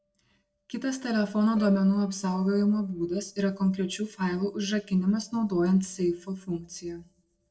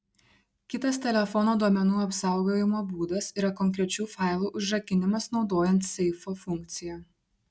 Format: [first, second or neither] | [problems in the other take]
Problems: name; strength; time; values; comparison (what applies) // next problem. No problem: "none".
second | noise reduction (neural separator model SepFormer DNS4)